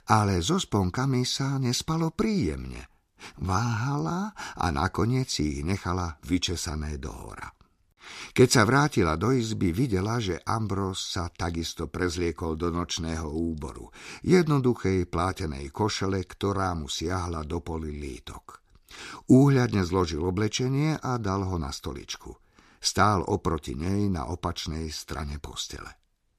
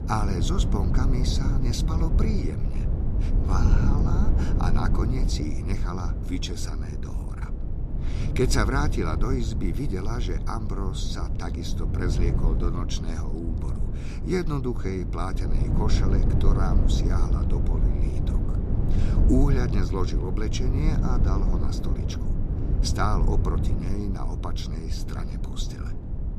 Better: first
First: none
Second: low rumble; loud; throughout; 5 dB below the speech

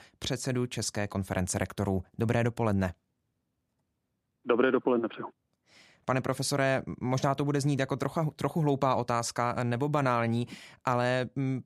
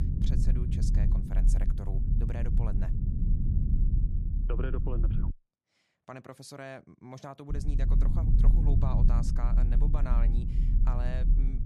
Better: first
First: none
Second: low rumble; loud; until 5.5 s and from 7.5 s on; 1 dB below the speech

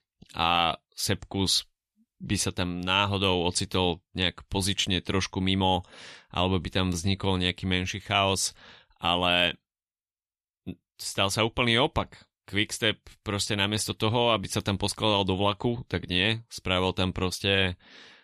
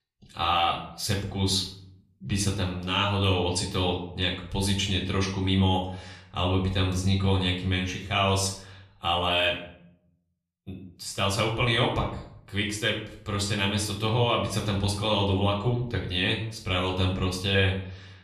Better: first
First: none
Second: room echo; slight; dies away in 0.6 s // off-mic speech; somewhat distant

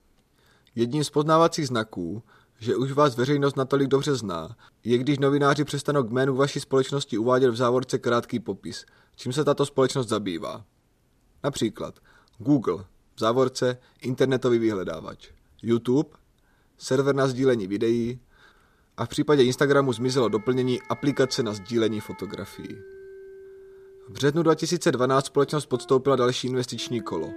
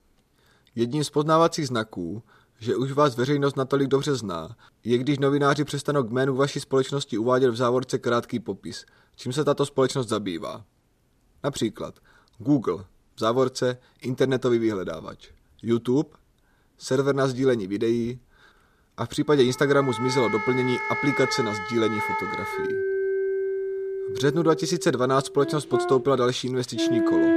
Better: first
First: background music; faint; from 20 s on; 20 dB below the speech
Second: background music; loud; from 20 s on; 4 dB below the speech

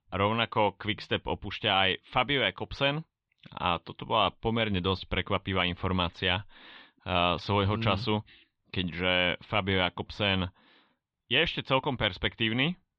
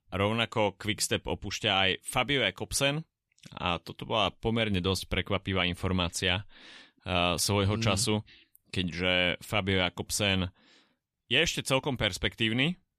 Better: second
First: muffled; very; fading above 4 kHz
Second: none

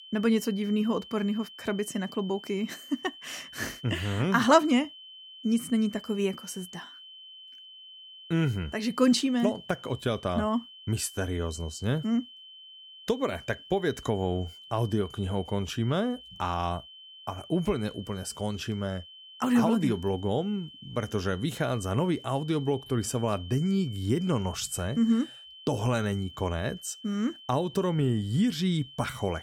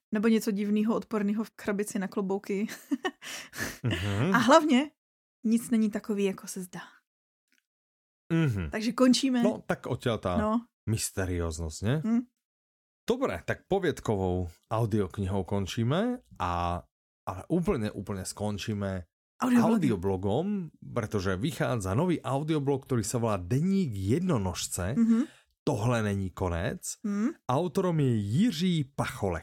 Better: second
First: high-pitched whine; noticeable; throughout; 3 kHz, 15 dB below the speech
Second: none

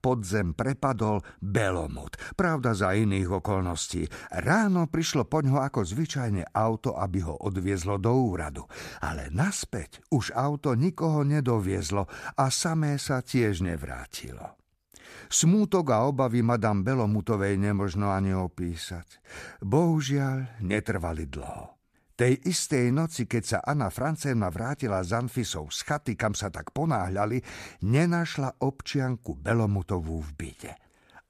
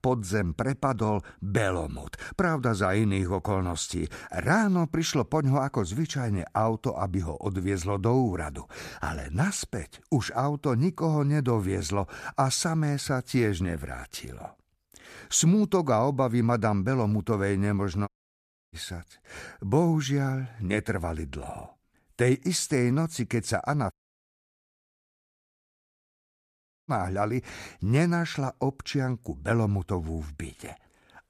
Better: first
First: none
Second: audio cutting out; at 18 s for 0.5 s and at 24 s for 3 s

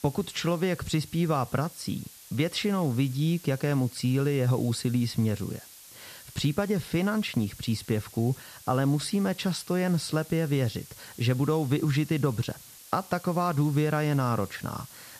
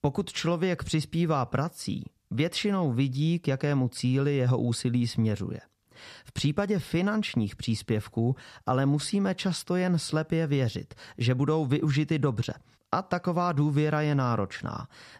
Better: second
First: hiss; noticeable; throughout; 20 dB below the speech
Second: none

